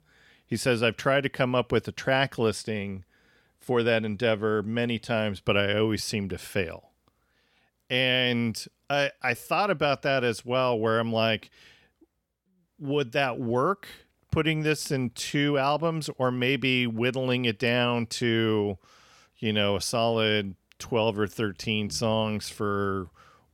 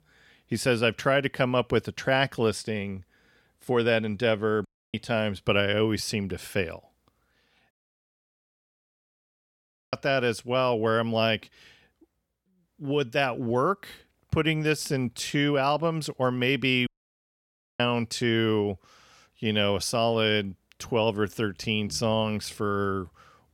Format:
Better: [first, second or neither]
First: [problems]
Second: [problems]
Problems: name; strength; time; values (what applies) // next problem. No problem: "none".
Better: first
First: none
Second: audio cutting out; at 4.5 s, at 7.5 s for 2 s and at 17 s for 1 s